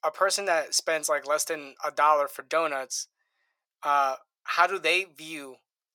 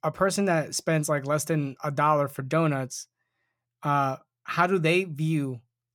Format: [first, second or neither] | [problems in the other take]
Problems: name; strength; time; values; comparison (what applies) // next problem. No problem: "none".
second | thin; very; fading below 550 Hz